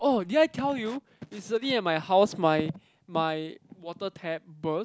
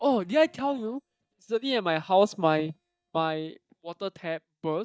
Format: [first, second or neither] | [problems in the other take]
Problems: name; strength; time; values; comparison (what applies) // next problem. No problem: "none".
first | noise reduction (neural mask model DeepFilterNet 3)